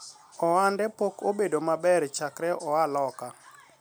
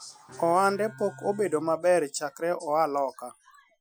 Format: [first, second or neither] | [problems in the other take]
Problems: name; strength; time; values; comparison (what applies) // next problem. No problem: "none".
first | noise reduction (classical method Wiener filter)